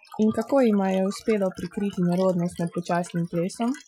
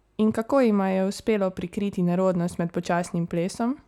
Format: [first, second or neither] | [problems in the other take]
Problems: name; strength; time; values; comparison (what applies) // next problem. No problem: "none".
second | noise reduction (classical method Wiener filter)